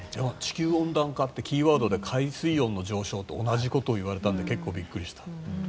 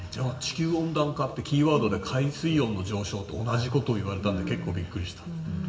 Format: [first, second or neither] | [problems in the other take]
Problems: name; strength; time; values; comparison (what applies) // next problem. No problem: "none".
first | room echo; dies away in 1.7 s